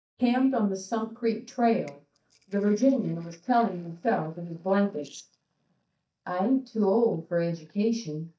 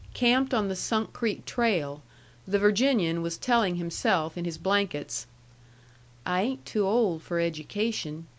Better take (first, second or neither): second